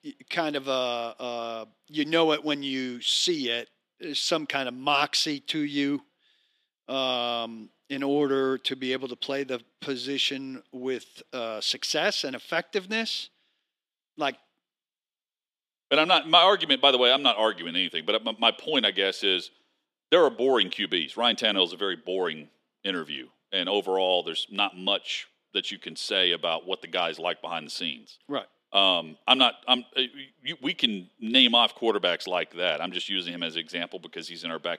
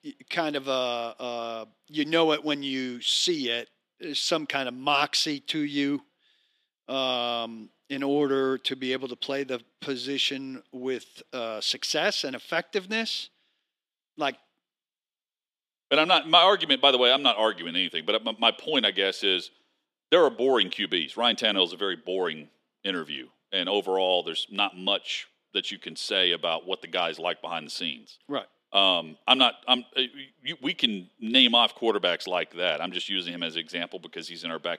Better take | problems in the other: neither | thin; very slightly; fading below 250 Hz; the same in both

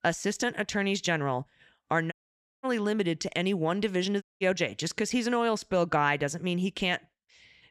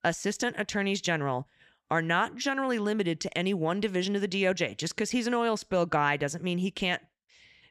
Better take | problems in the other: second | audio cutting out; at 2 s for 0.5 s and at 4 s

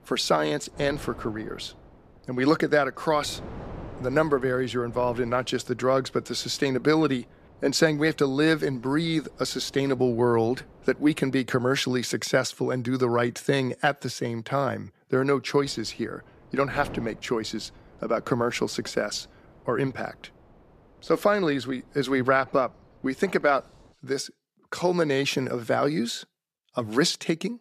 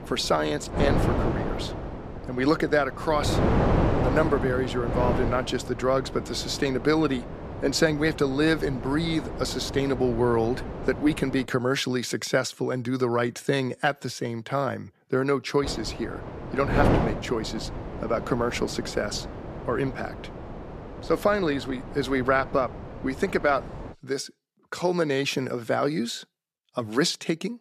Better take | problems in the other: first | wind noise on the microphone; heavy; until 11 s and from 16 to 24 s; 7 dB below the speech; occasional gusts in the first

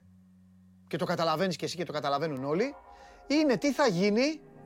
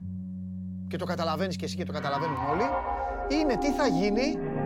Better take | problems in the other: first | background music; loud; throughout; 2 dB below the speech; faint in the first

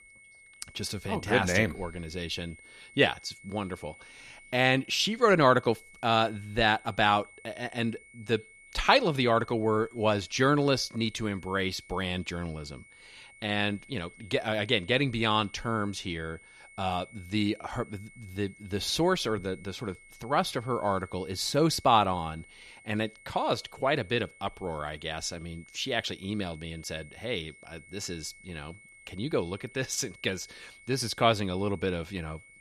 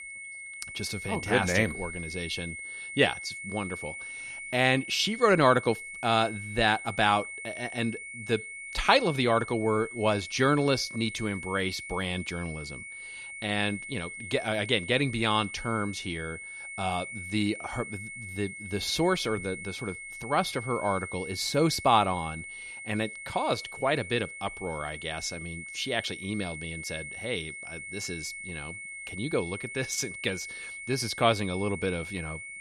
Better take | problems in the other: first | high-pitched whine; loud; throughout; 2 kHz, 10 dB below the speech; faint in the first

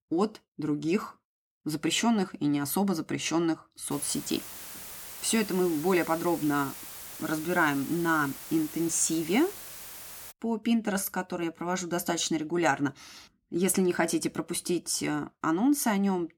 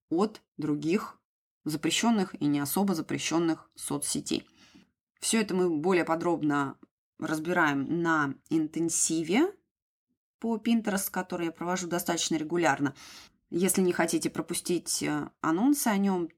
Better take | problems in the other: second | hiss; noticeable; from 4 to 10 s; 10 dB below the speech

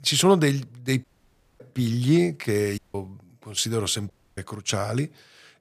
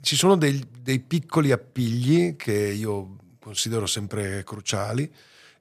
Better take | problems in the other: second | audio cutting out; at 1 s for 0.5 s, at 3 s and at 4 s

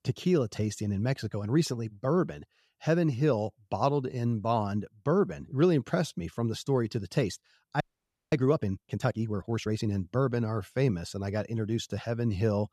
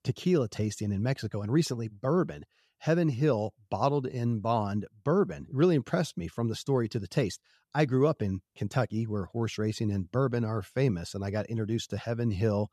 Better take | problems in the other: second | audio freezing; at 8 s for 0.5 s

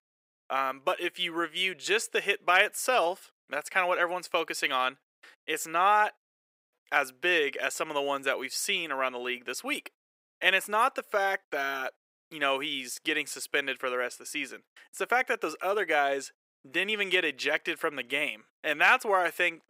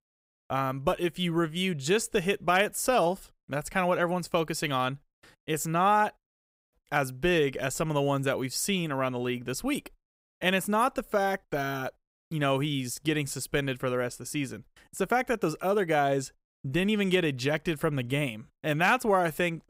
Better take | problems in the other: second | thin; very; fading below 350 Hz

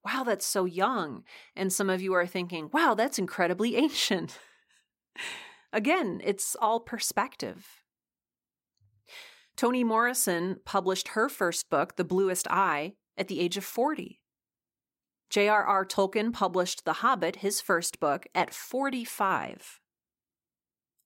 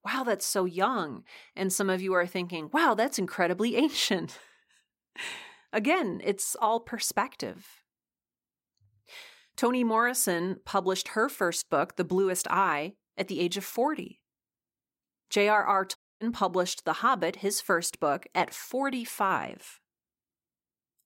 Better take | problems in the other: first | audio cutting out; at 16 s

